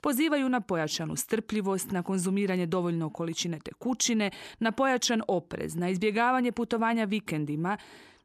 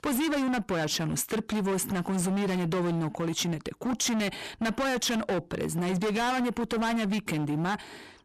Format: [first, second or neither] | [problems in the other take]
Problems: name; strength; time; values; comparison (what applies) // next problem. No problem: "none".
first | distortion; heavy; 31% of the sound clipped